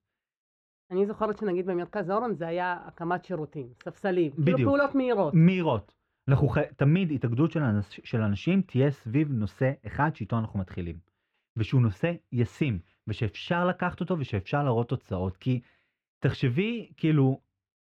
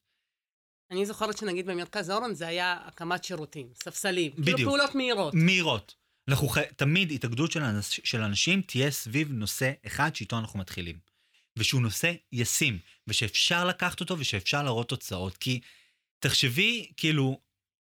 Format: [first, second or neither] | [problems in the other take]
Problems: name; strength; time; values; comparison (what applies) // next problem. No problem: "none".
second | muffled; very; fading above 3 kHz